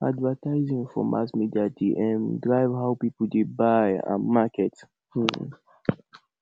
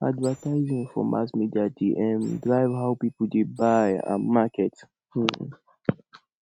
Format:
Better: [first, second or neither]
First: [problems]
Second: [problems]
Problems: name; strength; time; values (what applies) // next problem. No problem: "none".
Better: first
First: none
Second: noise reduction (neural mask model RNNoise)